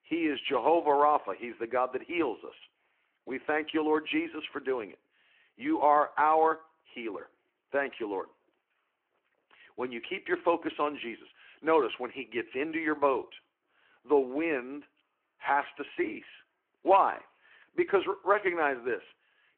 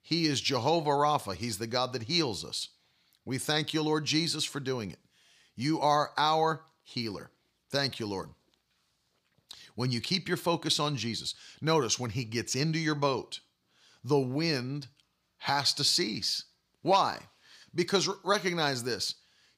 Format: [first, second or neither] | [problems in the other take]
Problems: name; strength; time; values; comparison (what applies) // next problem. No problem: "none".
second | phone-call audio